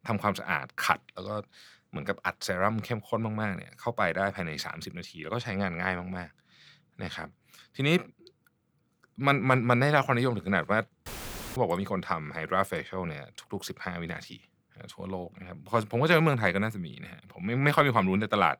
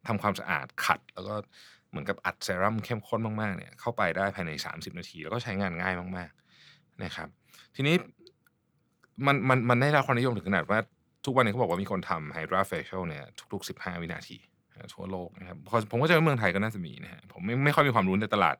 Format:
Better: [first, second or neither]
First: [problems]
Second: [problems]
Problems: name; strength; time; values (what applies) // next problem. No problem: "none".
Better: second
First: audio cutting out; filled with static; at 11 s for 0.5 s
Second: none